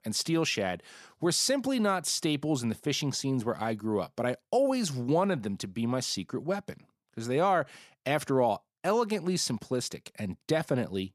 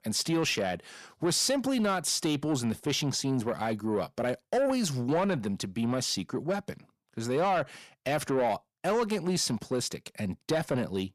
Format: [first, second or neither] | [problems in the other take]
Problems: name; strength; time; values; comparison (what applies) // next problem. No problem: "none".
first | distortion; slight; 10 dB below the speech